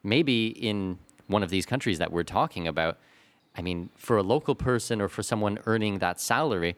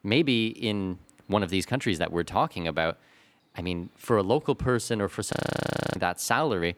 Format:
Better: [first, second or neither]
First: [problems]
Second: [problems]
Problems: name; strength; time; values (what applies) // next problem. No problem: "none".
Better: first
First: none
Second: audio freezing; at 5.5 s for 0.5 s